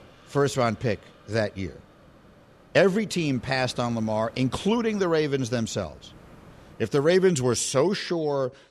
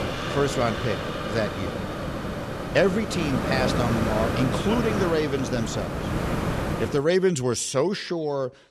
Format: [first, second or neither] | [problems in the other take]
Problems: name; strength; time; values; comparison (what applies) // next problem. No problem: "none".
first | hiss; loud; until 7 s; 2 dB below the speech; faint in the first